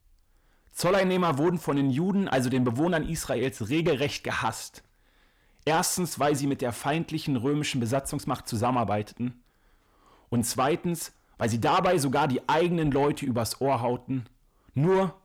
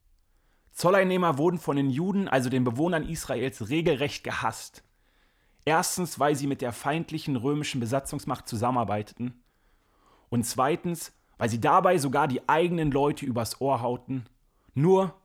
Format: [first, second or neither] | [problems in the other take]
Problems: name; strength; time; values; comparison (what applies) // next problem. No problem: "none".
second | distortion; slight; 10 dB below the speech